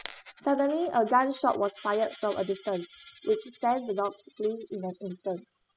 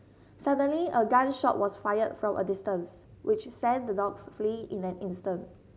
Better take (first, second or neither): second